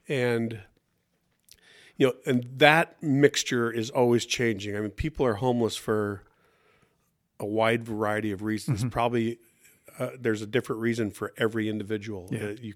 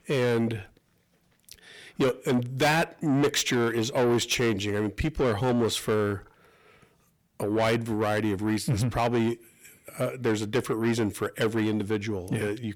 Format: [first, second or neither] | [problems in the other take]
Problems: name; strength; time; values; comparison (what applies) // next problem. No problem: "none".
first | distortion; heavy; 7 dB below the speech